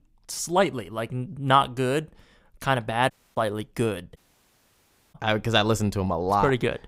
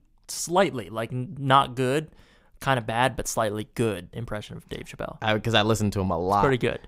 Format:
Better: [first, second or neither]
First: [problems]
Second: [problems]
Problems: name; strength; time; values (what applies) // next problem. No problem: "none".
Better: second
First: audio cutting out; at 3 s and at 4 s for 1 s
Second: none